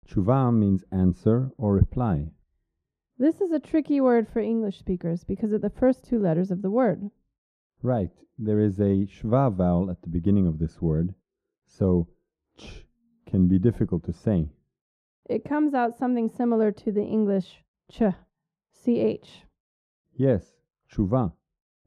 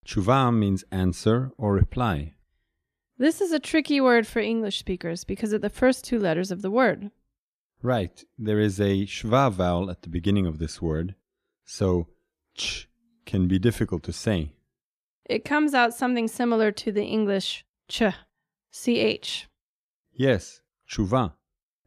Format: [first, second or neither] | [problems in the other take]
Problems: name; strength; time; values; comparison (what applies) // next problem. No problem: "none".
second | muffled; very; fading above 1.5 kHz